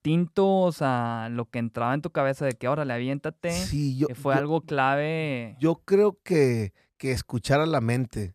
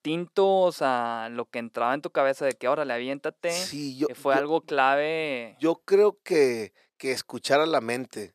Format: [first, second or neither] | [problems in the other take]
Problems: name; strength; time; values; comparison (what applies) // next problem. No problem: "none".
first | thin; somewhat; fading below 400 Hz